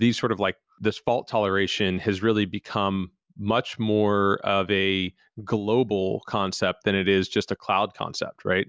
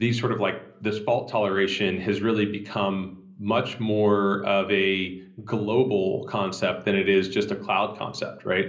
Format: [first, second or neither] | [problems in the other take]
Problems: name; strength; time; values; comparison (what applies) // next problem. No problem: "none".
first | room echo; dies away in 0.5 s